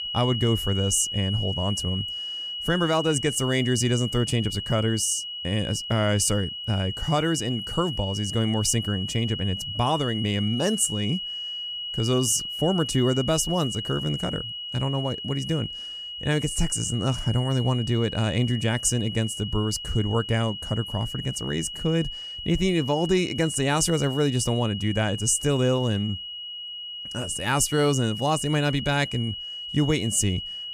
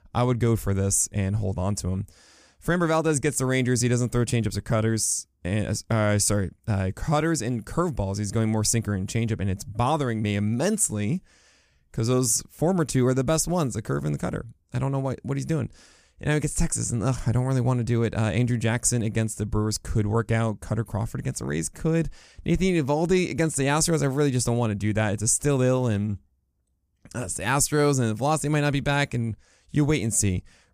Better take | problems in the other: second | high-pitched whine; loud; throughout; 3 kHz, 6 dB below the speech

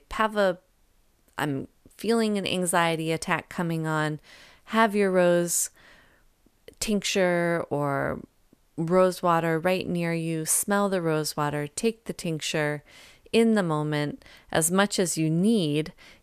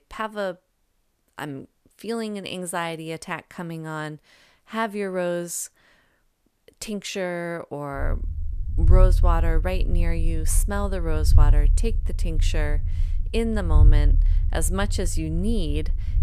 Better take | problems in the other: first | low rumble; noticeable; from 8 s on; 15 dB below the speech

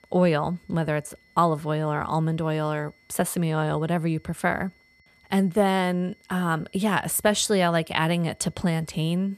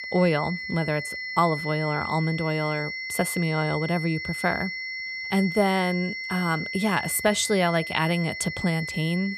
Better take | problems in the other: first | high-pitched whine; loud; throughout; 2 kHz, 5 dB below the speech; faint in the first

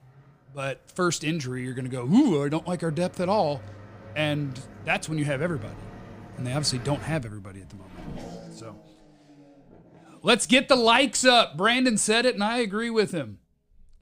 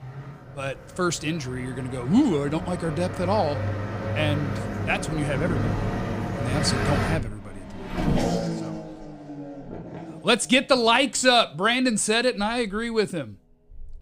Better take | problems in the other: first | traffic noise; loud; throughout; 6 dB below the speech; faint in the first

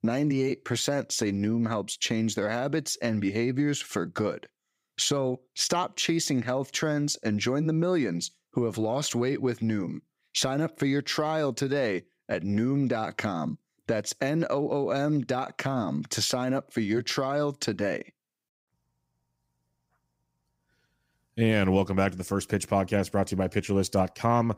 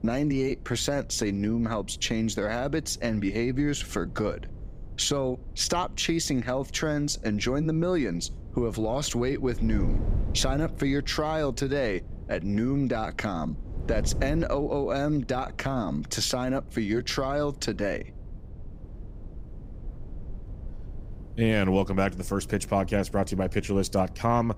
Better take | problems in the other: first | wind noise on the microphone; occasional gusts; 20 dB below the speech

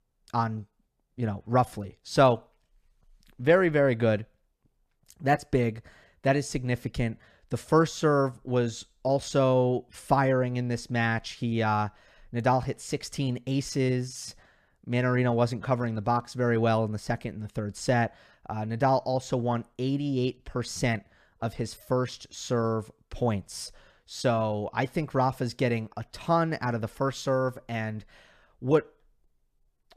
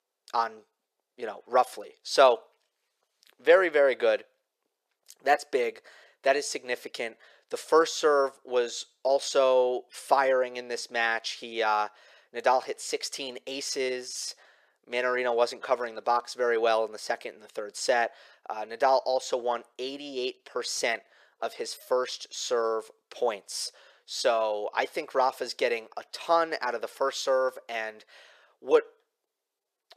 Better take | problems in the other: first | thin; very; fading below 450 Hz

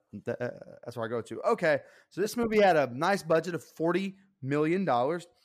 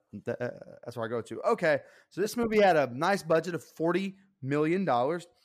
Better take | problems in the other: neither | none

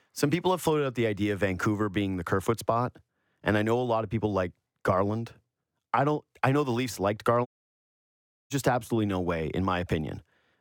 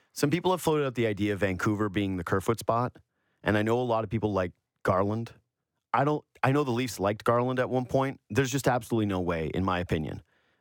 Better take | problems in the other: second | audio cutting out; at 7.5 s for 1 s

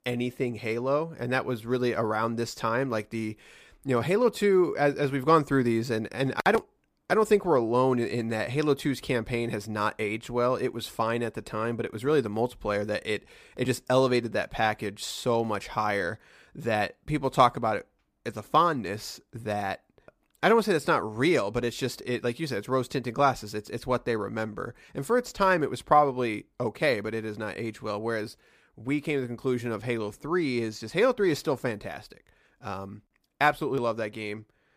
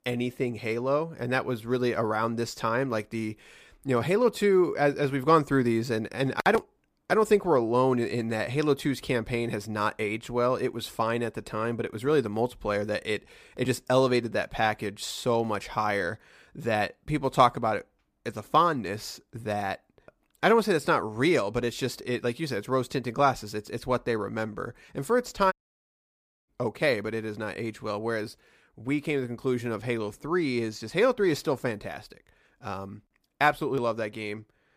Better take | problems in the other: first | audio cutting out; at 26 s for 1 s

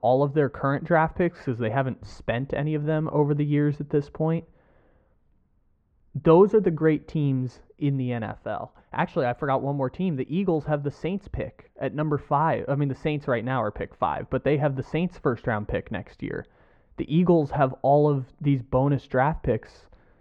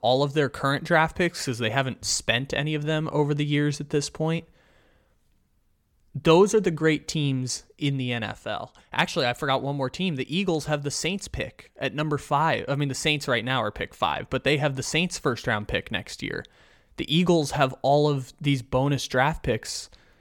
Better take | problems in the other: second | muffled; very; fading above 3.5 kHz

